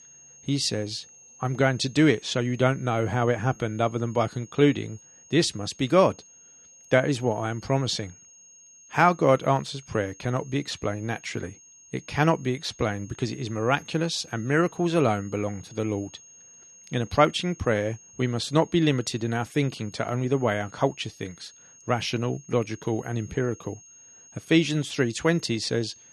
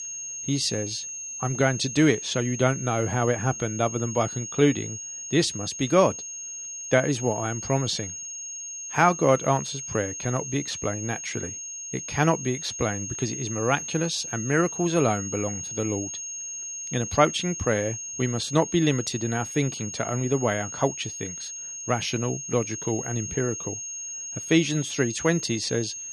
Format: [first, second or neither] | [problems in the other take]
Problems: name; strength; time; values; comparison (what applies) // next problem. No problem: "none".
first | high-pitched whine; loud; throughout; 6.5 kHz, 7 dB below the speech; faint in the first